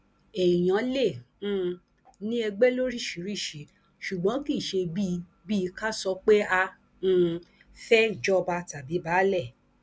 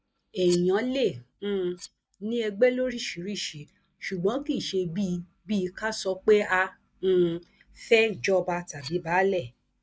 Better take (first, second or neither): first